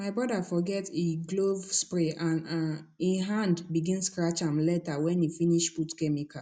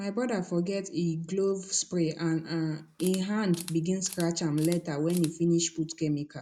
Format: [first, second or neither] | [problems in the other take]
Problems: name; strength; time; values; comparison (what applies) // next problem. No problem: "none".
first | background sound (Camera); 18 dB below the speech